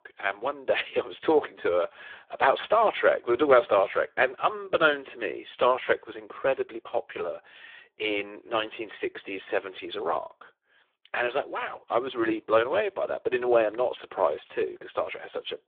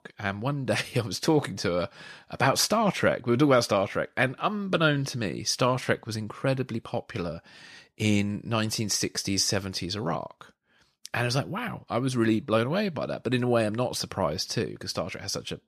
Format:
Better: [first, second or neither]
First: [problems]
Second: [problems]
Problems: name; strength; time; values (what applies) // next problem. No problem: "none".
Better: second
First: phone-call audio; poor line; nothing above 3.5 kHz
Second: none